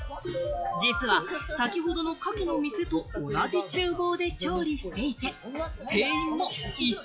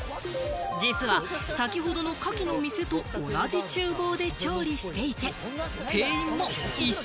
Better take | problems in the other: second | noise reduction (classical method log-MMSE)

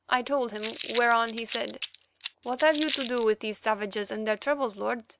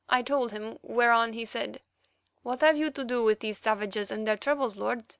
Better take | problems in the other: second | background sound (Crumpling, crinkling); 11 dB below the speech

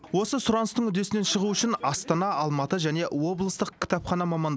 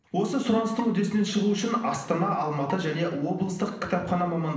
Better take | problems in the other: first | noise reduction (neural separator model SepFormer DNS4)

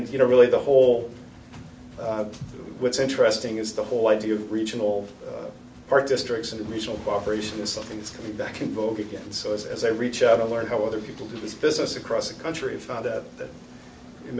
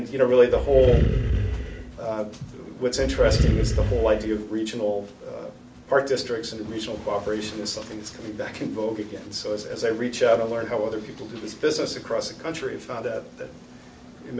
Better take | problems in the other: first | background sound (Animal); 2 dB above the speech

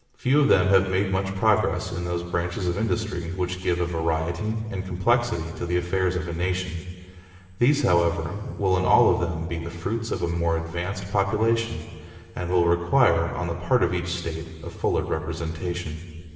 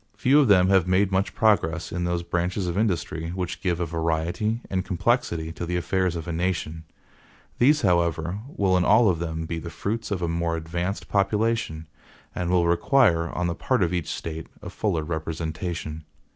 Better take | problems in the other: second | room echo; dies away in 2.2 s

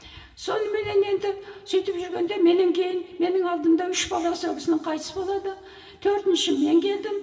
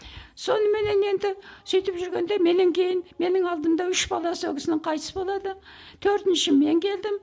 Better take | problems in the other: second | room echo; dies away in 2.3 s

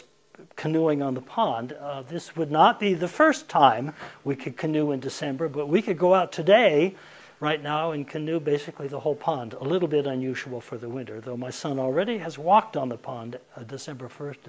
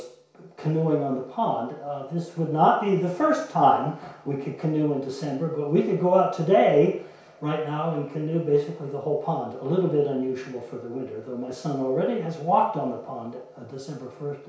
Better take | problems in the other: first | room echo; dies away in 0.6 s

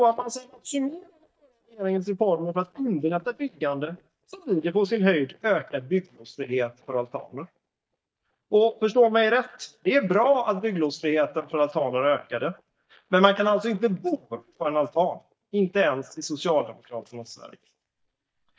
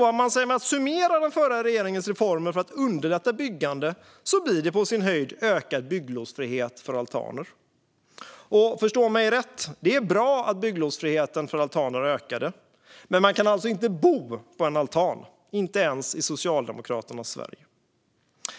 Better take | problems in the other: second | noise reduction (neural mask model DeepFilterNet 3)

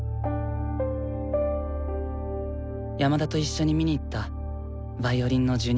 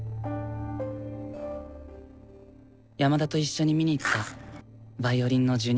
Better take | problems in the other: first | noise reduction (neural separator model SepFormer DNS4)

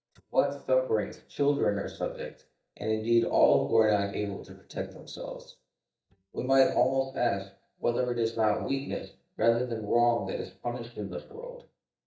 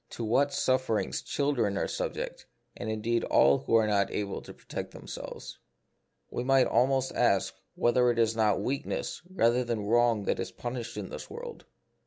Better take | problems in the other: second | noise reduction (neural mask model DeepFilterNet 3)

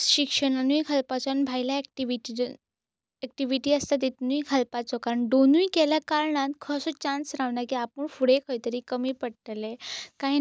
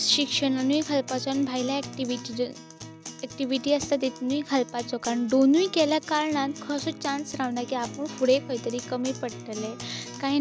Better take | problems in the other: first | background sound (Acoustic guitar); 13 dB below the speech

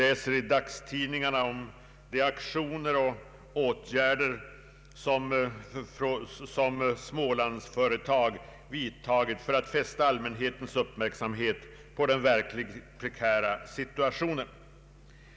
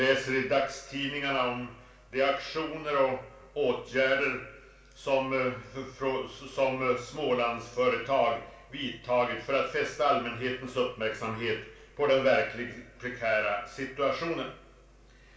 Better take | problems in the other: first | room echo; dies away in 0.3 s

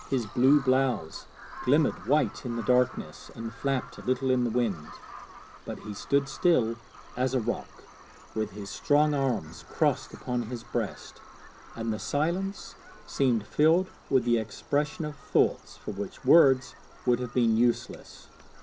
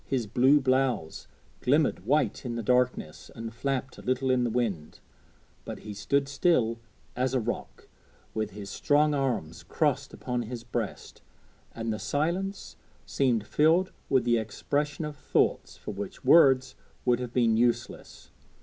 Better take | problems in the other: second | background sound (Bird vocalization, bird call, bird song); 20 dB below the speech

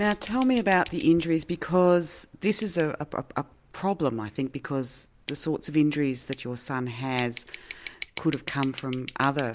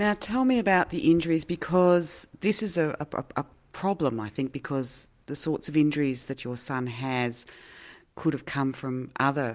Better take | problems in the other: second | background sound (Scissors); 19 dB below the speech

